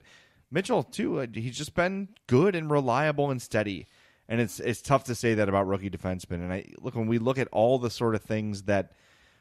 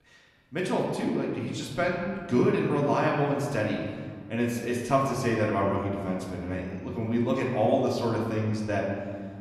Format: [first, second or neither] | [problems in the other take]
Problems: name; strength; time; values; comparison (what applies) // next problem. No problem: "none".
first | room echo; noticeable; dies away in 1.7 s // off-mic speech; far